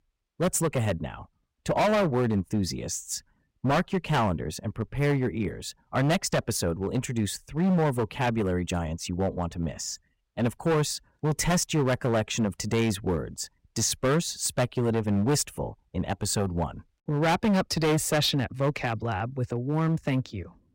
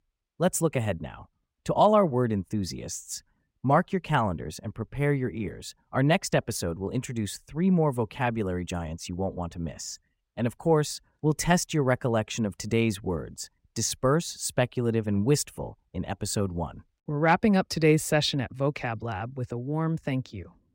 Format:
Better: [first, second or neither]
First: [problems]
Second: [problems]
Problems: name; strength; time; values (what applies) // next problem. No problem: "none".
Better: second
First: distortion; heavy; 10% of the sound clipped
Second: none